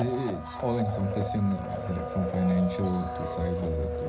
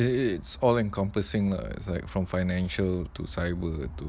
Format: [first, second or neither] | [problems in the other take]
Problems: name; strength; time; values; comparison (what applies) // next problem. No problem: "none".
second | background sound (Domestic sounds, home sounds); 5 dB below the speech // room echo; dies away in 0.5 s